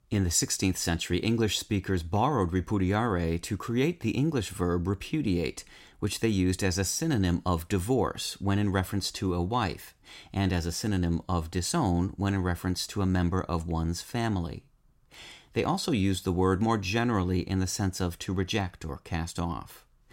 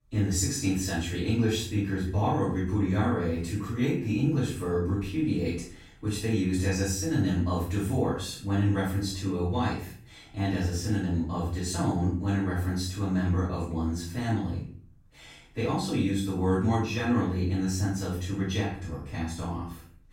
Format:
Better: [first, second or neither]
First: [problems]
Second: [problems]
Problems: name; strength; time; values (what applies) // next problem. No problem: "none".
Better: first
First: none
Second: off-mic speech; far // room echo; noticeable; dies away in 0.5 s